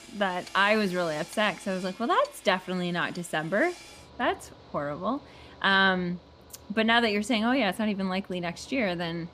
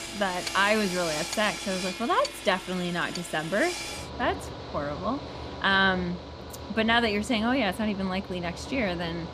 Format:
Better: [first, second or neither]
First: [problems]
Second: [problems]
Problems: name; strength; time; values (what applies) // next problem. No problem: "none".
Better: first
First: machinery noise; faint; throughout; 20 dB below the speech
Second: machinery noise; loud; throughout; 9 dB below the speech